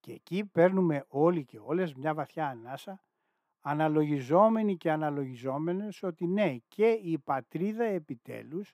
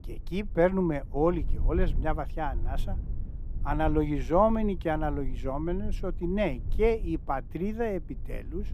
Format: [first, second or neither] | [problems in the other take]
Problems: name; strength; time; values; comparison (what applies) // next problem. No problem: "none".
first | low rumble; faint; throughout; 25 dB below the speech